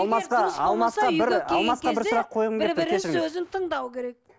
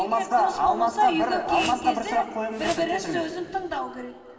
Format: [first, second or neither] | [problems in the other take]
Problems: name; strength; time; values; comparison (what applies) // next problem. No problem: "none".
first | background sound (Whoosh, swoosh, swish); 13 dB below the speech // room echo; dies away in 2.7 s